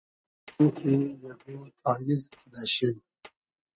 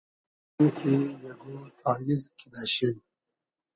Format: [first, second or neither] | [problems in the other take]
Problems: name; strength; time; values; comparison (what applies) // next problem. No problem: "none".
second | noise reduction (neural mask model RNNoise)